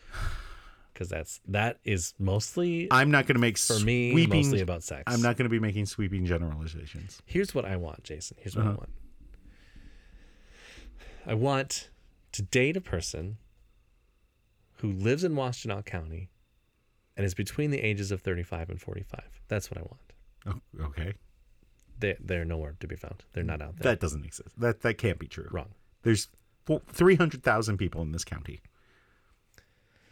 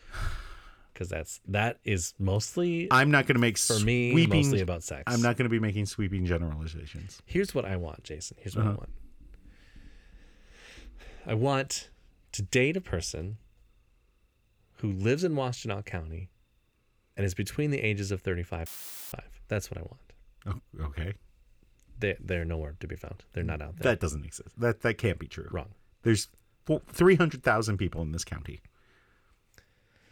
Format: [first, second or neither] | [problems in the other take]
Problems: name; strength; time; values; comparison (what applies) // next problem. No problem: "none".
first | audio cutting out; filled with static; at 19 s